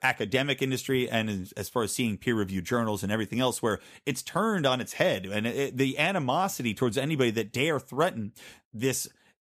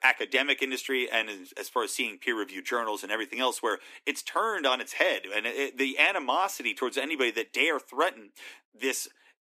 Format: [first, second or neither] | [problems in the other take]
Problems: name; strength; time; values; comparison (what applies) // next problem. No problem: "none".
first | thin; somewhat; fading below 250 Hz